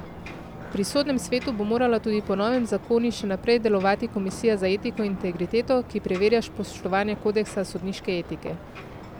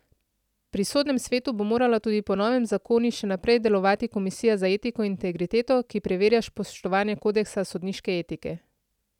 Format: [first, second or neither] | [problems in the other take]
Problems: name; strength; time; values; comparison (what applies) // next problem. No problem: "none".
second | background sound (Ocean); 14 dB below the speech